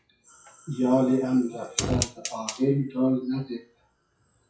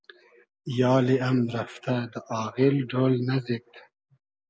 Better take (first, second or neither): second